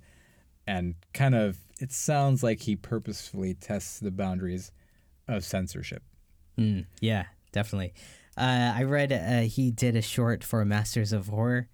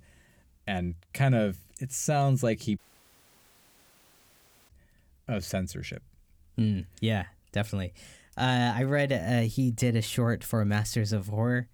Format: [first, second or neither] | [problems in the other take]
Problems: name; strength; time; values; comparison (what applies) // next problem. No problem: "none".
first | audio cutting out; at 3 s for 2 s